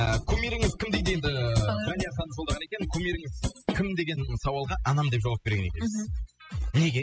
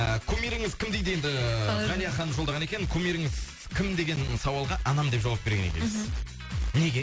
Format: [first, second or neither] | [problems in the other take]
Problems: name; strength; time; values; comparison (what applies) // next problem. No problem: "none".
second | noise reduction (classical method spectral subtraction)